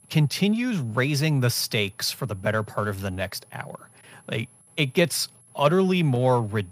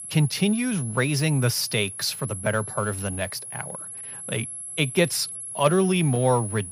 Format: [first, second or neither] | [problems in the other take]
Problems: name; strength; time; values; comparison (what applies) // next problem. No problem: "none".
first | high-pitched whine; loud; throughout; 11 kHz, 9 dB below the speech; faint in the first